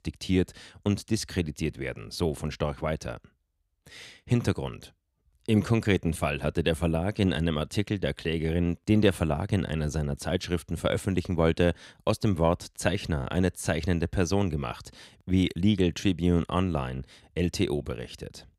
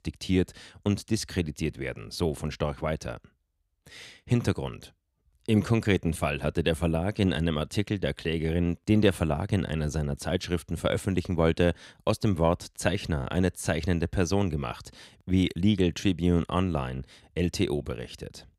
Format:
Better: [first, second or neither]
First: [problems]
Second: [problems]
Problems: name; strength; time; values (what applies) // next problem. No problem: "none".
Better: neither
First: none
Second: none